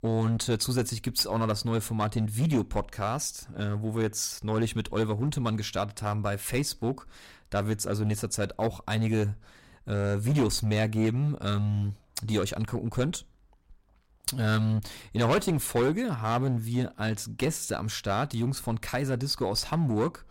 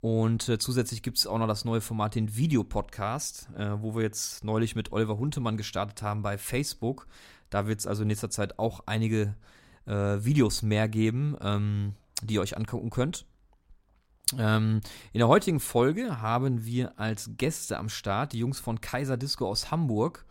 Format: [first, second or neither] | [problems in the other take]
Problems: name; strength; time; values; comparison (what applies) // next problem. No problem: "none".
second | distortion; slight; 6% of the sound clipped